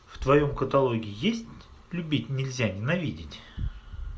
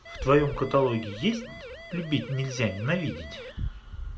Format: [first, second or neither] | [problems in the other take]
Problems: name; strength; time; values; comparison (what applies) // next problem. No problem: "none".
first | background sound (Siren); 15 dB below the speech